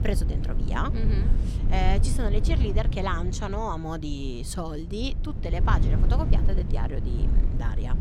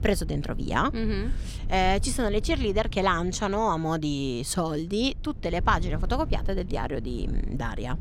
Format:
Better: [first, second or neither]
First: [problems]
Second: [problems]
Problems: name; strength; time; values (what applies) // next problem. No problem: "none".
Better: second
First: low rumble; loud; throughout; 8 dB below the speech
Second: low rumble; faint; throughout; 20 dB below the speech